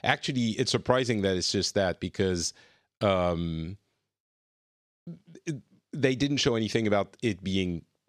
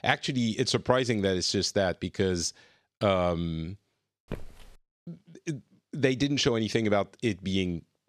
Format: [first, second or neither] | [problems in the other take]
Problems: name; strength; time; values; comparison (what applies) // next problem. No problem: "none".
first | footsteps; faint; at 4.5 s; peak 15 dB below the speech